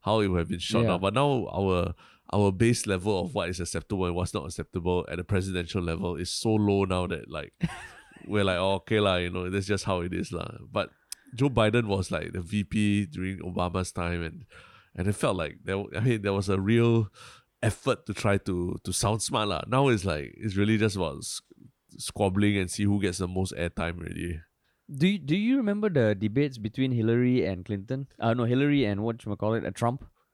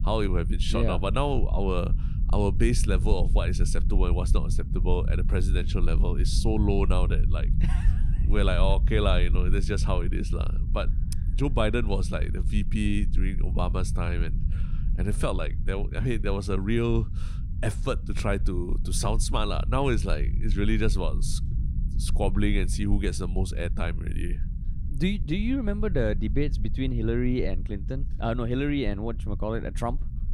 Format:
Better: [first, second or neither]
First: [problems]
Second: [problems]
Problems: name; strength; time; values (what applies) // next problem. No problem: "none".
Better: first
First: none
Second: low rumble; noticeable; throughout; 15 dB below the speech